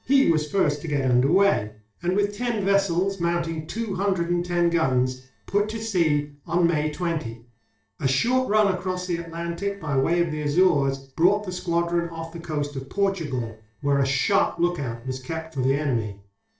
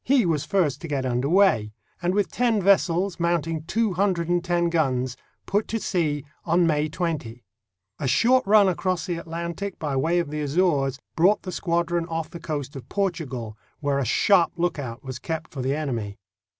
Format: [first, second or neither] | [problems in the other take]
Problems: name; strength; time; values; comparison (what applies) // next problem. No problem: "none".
second | noise reduction (neural separator model SepFormer DNS4)